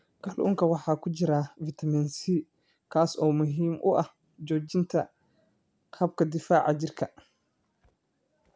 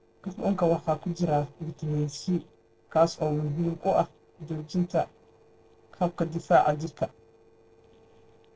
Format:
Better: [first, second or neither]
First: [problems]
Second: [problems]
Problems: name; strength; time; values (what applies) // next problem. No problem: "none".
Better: first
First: none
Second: noise reduction (neural separator model SepFormer DNS4)